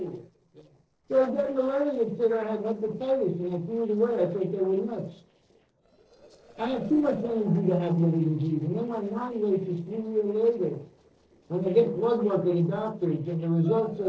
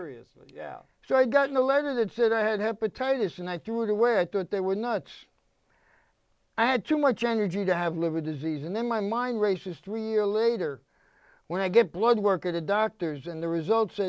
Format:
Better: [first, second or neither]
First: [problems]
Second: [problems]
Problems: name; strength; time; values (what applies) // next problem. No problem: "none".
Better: second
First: noise reduction (neural separator model SepFormer DNS4)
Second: none